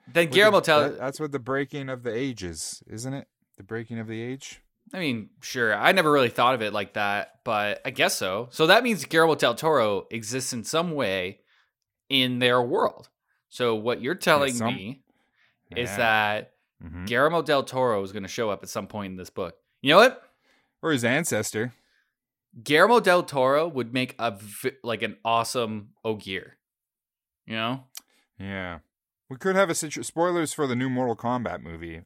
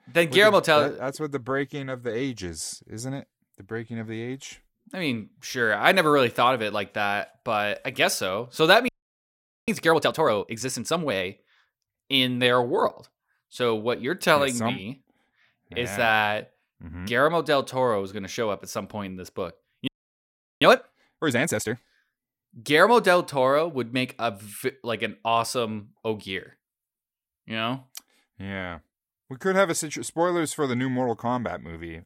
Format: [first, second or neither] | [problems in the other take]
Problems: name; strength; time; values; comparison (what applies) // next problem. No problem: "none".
first | audio freezing; at 9 s for 1 s and at 20 s for 0.5 s